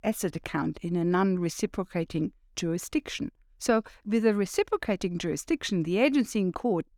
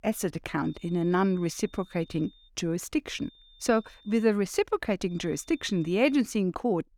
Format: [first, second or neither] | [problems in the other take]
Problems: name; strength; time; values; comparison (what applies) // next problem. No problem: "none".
first | high-pitched whine; faint; from 0.5 to 2.5 s, from 3 to 4 s and from 5 to 6 s; 3.5 kHz, 30 dB below the speech